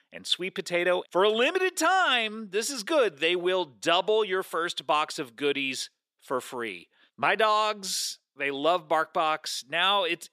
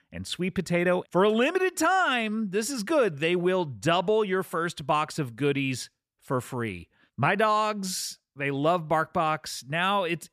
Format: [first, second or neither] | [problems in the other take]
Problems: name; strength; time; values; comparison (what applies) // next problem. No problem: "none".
second | thin; somewhat; fading below 400 Hz